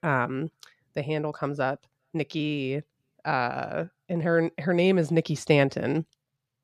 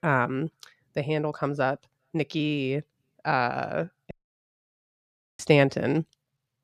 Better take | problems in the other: first | audio cutting out; at 4 s for 1.5 s

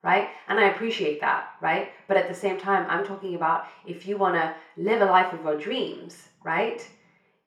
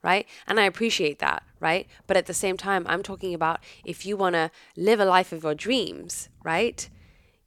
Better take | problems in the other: second | room echo; slight; dies away in 0.5 s // off-mic speech; far

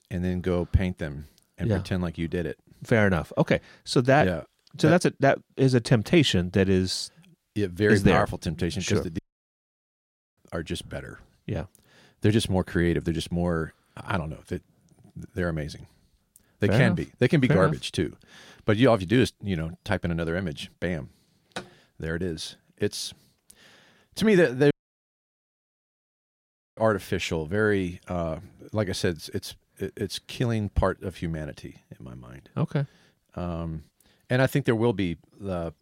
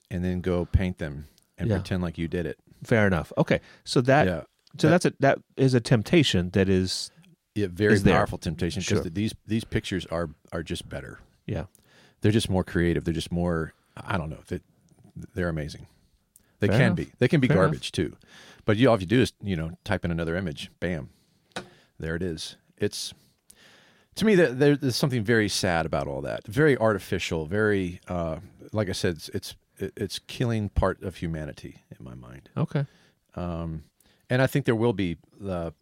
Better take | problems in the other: second | audio cutting out; at 9 s for 1 s and at 25 s for 2 s

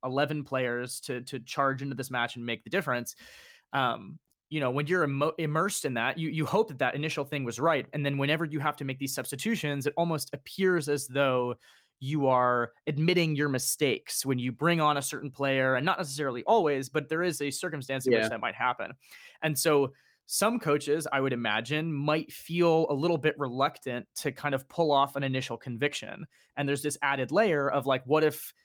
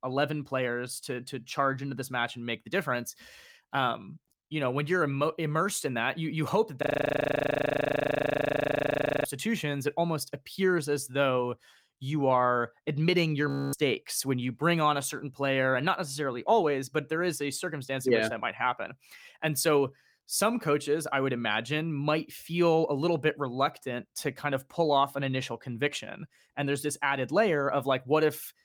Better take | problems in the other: first | audio freezing; at 7 s for 2.5 s and at 13 s

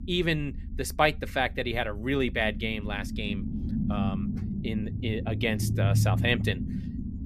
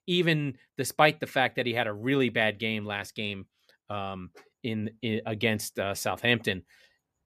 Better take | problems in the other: second | low rumble; noticeable; throughout; 10 dB below the speech

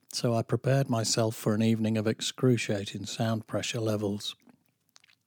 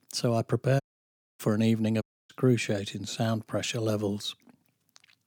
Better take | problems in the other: first | audio cutting out; at 1 s for 0.5 s and at 2 s

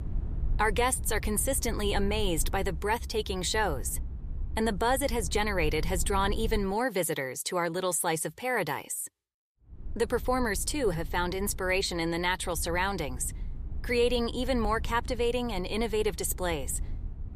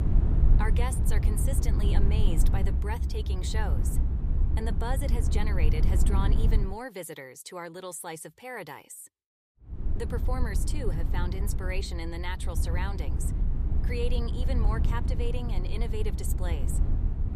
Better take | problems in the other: first | low rumble; loud; until 6.5 s and from 9.5 s on; 5 dB below the speech; faint in the first

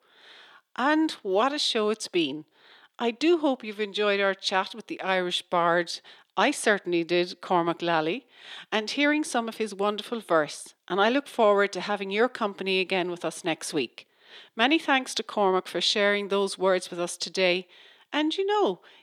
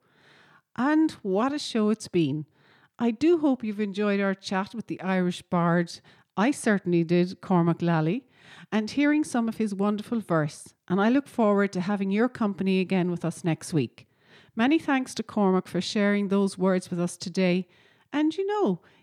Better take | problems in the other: second | thin; somewhat; fading below 450 Hz

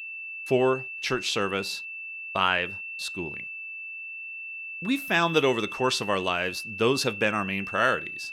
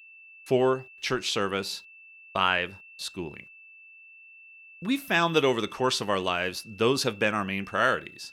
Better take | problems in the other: second | high-pitched whine; loud; throughout; 2.5 kHz, 8 dB below the speech; faint in the second

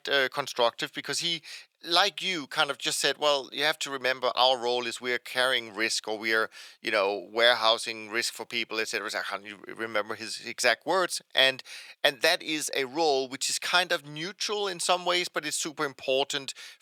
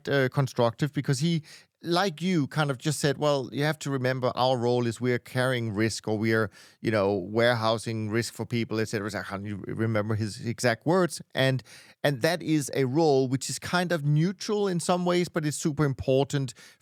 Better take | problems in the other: second | thin; very; fading below 600 Hz

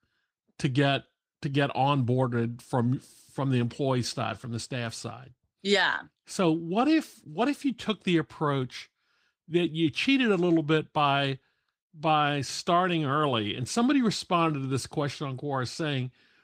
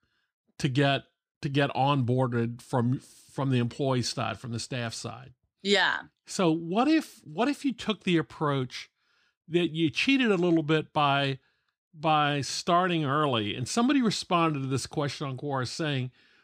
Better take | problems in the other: second | garbled, watery; slightly; nothing above 15.5 kHz

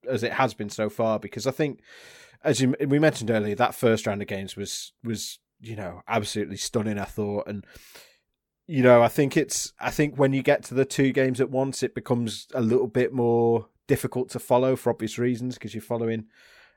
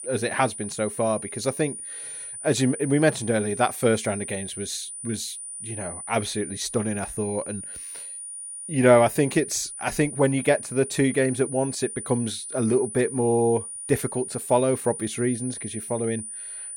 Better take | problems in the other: first | high-pitched whine; loud; throughout; 9.5 kHz, 9 dB below the speech

